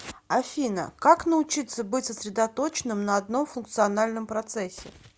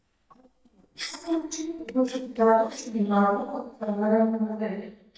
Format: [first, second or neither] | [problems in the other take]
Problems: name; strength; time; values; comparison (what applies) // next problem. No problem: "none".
first | noise reduction (neural mask model DeepFilterNet 3)